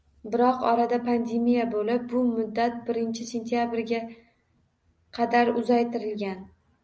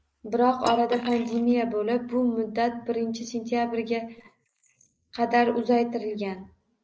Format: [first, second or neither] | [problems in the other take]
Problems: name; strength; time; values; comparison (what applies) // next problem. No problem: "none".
first | noise reduction (neural mask model Resemble Enhance denoiser)